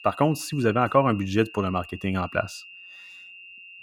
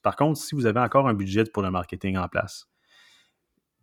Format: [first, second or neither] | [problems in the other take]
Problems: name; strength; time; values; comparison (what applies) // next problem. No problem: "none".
second | high-pitched whine; noticeable; throughout; 3 kHz, 20 dB below the speech